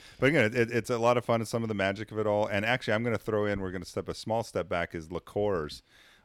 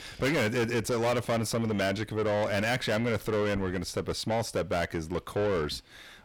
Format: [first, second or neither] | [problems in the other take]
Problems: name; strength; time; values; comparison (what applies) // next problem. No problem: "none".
first | distortion; heavy; 6 dB below the speech